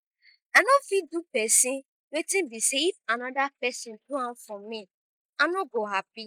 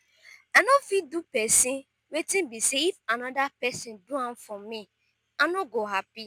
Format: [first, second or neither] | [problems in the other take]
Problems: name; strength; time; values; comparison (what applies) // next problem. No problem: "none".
second | noise reduction (neural mask model Resemble Enhance denoiser)